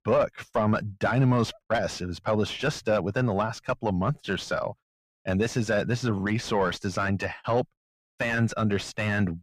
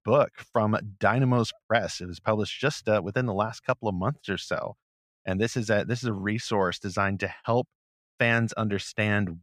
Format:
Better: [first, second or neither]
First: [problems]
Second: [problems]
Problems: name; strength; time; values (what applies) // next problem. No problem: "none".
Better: second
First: distortion; heavy; 8 dB below the speech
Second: none